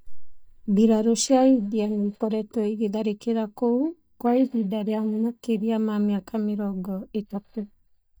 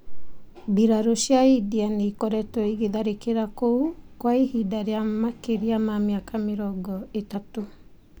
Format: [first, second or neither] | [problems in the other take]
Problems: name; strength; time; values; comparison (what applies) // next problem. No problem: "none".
second | noise reduction (neural mask model DeepFilterNet 3)